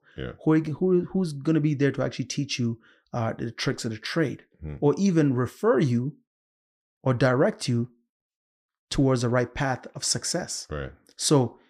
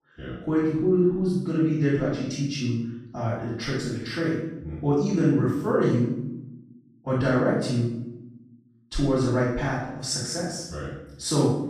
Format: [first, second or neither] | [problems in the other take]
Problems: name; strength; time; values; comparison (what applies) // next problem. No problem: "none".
first | off-mic speech; far // room echo; strong; dies away in 0.8 s